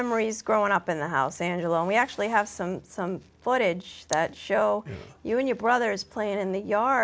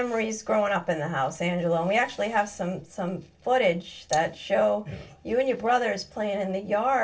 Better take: first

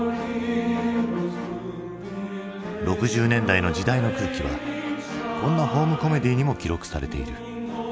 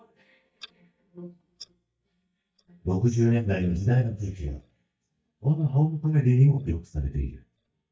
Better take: first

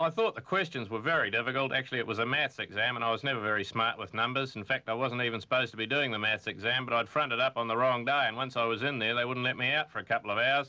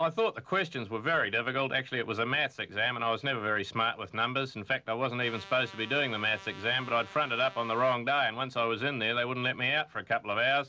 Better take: first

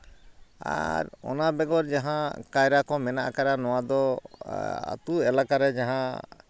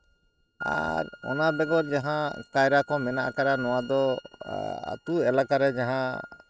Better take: first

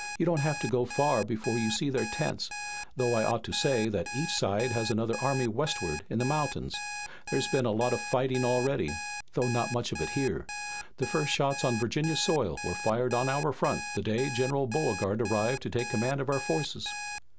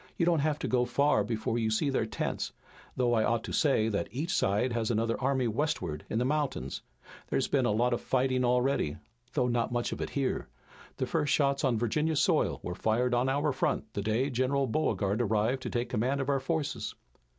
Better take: second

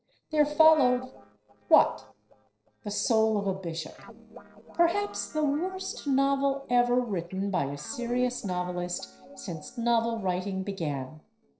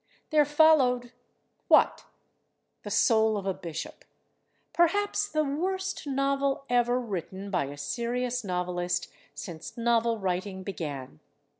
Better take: second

